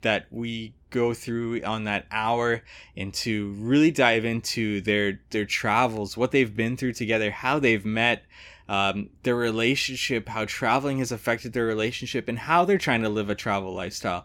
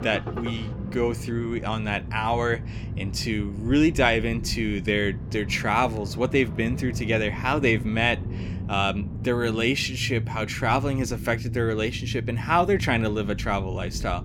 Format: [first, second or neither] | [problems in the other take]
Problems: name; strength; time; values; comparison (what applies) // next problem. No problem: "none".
first | low rumble; noticeable; throughout; 15 dB below the speech